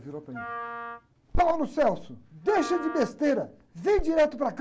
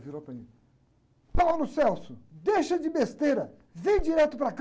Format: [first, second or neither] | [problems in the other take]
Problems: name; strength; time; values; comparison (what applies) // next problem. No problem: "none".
second | background sound (Wind instrument, woodwind instrument); 14 dB below the speech